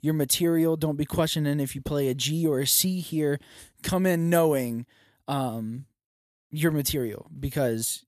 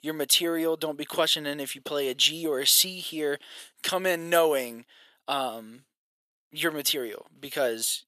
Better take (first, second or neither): first